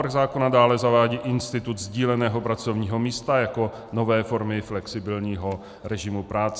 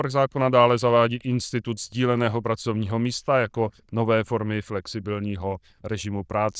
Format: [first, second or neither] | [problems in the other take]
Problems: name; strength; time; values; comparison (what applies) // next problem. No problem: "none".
first | noise reduction (neural diffusion model UNIVERSE++)